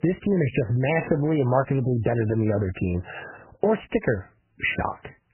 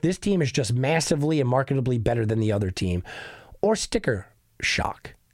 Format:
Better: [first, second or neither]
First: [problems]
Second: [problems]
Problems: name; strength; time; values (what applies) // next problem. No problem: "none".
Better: second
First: garbled, watery; badly; nothing above 3 kHz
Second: none